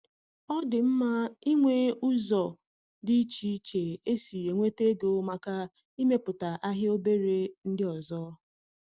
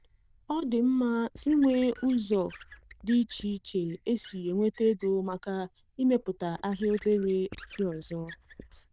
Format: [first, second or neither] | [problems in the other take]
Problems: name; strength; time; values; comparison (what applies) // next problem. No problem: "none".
first | noise reduction (neural diffusion model UNIVERSE++)